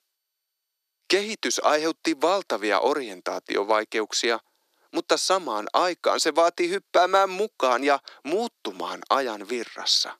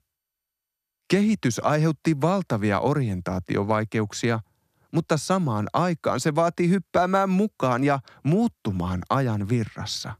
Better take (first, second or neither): second